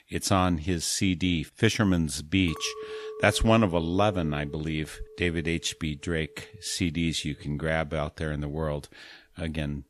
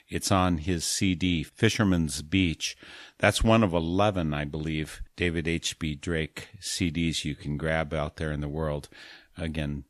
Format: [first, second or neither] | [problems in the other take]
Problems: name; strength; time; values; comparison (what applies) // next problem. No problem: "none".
second | clattering dishes; faint; from 2.5 to 6.5 s; peak 10 dB below the speech